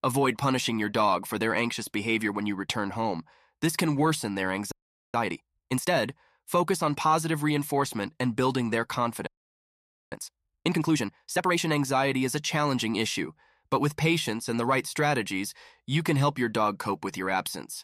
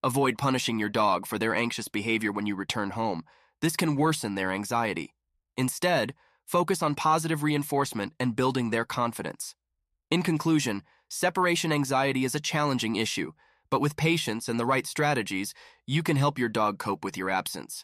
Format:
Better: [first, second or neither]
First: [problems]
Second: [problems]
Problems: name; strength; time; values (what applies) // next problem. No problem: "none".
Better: second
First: audio freezing; at 4.5 s and at 9.5 s for 1 s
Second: none